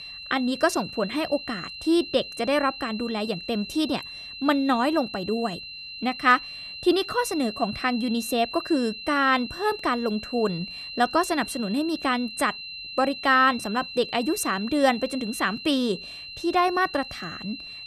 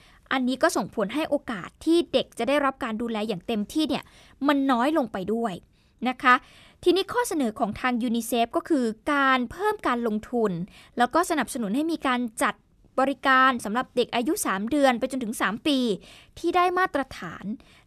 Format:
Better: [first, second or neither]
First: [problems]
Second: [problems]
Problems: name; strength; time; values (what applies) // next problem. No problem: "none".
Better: second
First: high-pitched whine; noticeable; throughout; 4 kHz, 10 dB below the speech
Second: none